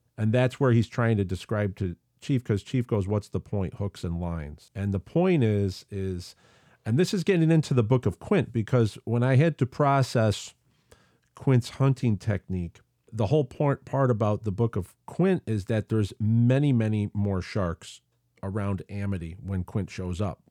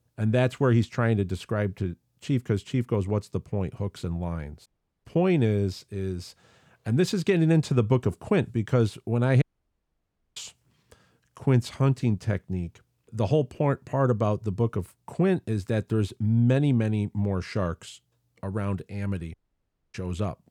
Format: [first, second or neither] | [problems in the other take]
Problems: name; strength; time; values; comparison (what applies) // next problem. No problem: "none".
first | audio cutting out; at 4.5 s, at 9.5 s for 1 s and at 19 s for 0.5 s